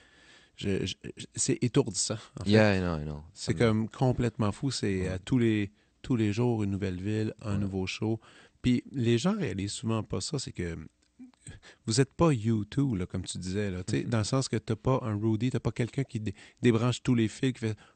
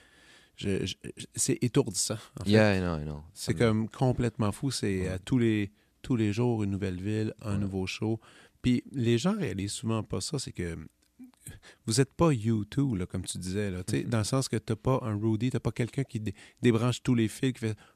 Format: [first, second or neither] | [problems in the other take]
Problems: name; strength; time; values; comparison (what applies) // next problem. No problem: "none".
second | garbled, watery; slightly; nothing above 8.5 kHz